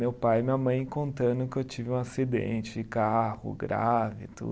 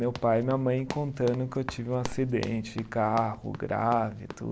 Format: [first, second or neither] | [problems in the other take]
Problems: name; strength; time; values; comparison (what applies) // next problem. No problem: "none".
first | background sound (Run); 14 dB below the speech